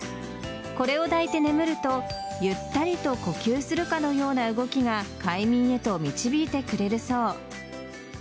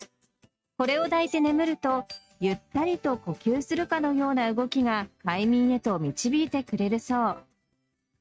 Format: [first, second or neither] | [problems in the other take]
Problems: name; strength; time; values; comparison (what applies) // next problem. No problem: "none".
first | noise reduction (neural mask model RNNoise)